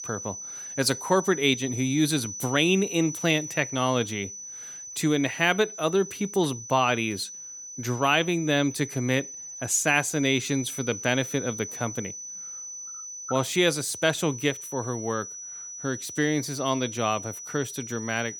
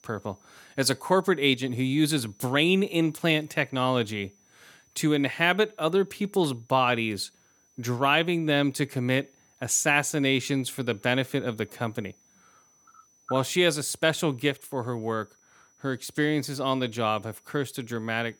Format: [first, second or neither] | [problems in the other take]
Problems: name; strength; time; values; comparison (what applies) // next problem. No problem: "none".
second | high-pitched whine; loud; throughout; 6 kHz, 10 dB below the speech; faint in the second